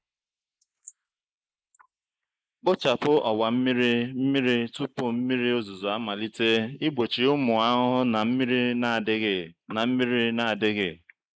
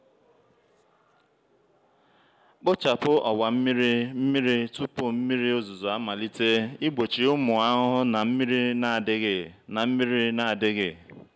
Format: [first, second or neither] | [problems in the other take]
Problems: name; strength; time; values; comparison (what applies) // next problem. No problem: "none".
second | noise reduction (neural mask model Resemble Enhance denoiser)